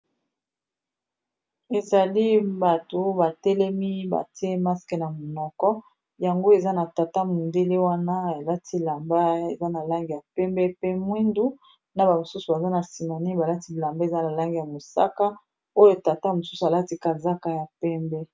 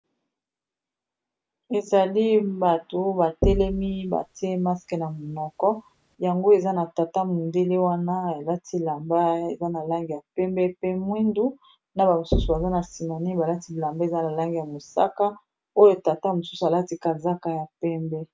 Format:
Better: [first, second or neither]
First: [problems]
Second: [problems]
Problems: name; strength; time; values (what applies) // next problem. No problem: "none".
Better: first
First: none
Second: background sound (Knock); 7 dB below the speech